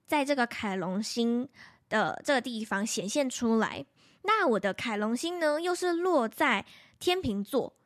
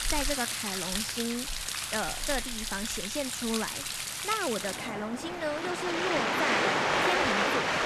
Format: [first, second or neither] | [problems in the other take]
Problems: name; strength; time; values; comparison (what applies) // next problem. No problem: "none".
first | rain or running water; very loud; throughout; 4 dB above the speech